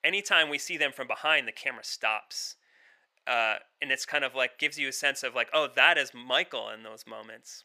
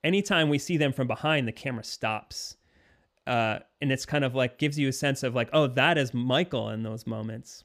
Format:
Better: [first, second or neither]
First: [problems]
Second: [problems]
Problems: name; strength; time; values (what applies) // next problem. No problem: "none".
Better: second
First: thin; very; fading below 700 Hz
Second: none